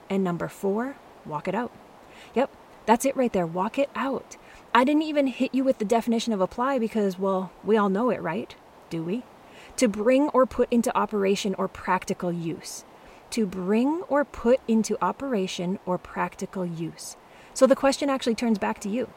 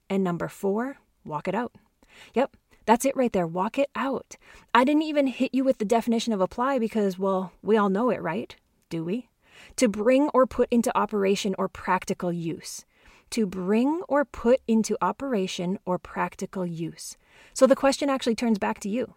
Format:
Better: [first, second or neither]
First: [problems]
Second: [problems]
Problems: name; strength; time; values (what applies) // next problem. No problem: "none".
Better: second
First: hiss; faint; throughout; 25 dB below the speech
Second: none